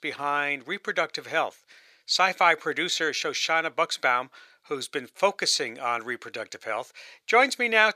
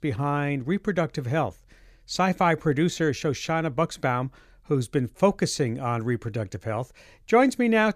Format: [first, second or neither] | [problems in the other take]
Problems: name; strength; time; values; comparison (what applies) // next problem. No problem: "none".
second | thin; very; fading below 600 Hz